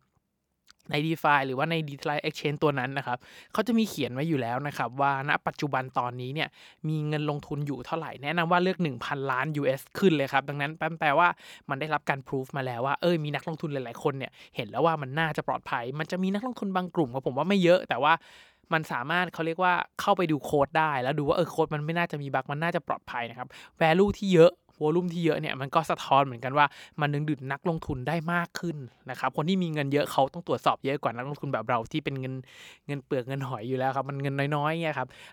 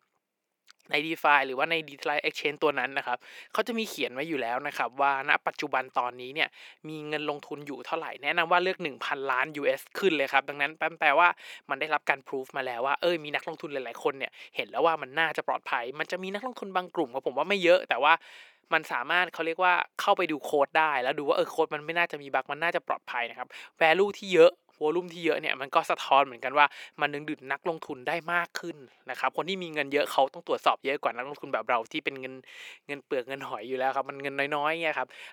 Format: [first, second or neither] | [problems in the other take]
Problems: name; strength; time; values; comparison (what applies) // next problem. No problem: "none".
first | thin; somewhat; fading below 400 Hz